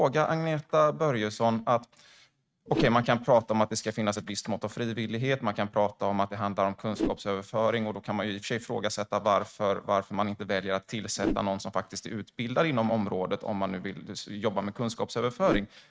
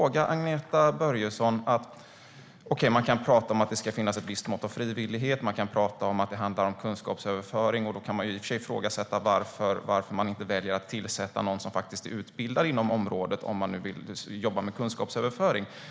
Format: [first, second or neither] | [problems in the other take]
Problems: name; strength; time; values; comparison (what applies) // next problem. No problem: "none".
second | noise reduction (neural mask model RNNoise)